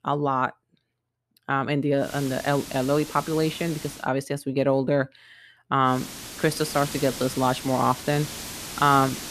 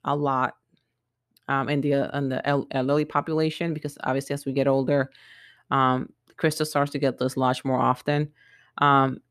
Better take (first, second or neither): second